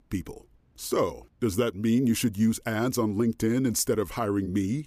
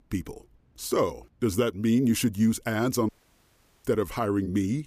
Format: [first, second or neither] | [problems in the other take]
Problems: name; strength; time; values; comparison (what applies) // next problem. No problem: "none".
first | audio cutting out; at 3 s for 1 s